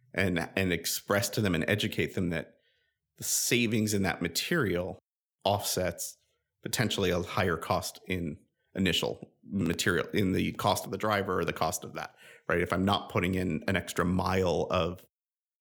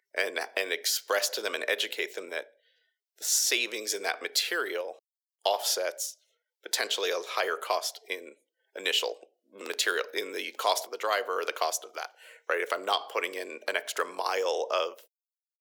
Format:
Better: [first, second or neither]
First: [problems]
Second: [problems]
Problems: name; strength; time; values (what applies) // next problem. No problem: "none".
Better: first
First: none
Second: thin; very; fading below 450 Hz